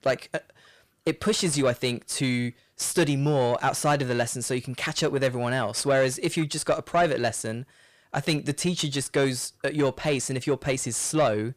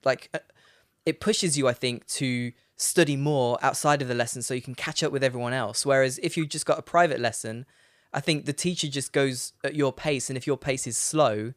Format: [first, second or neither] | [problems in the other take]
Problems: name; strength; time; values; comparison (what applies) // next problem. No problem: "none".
second | distortion; slight; 10 dB below the speech